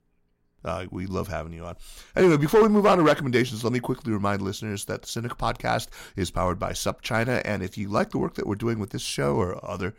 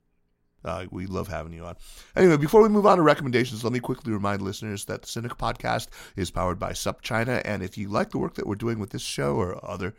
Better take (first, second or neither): second